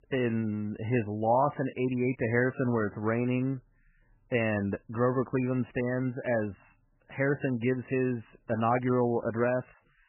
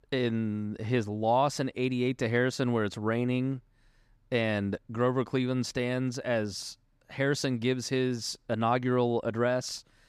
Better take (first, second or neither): second